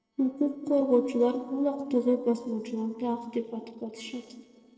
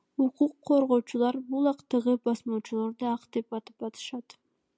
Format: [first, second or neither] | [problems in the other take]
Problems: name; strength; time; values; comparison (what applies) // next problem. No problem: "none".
second | noise reduction (neural separator model SepFormer DNS4)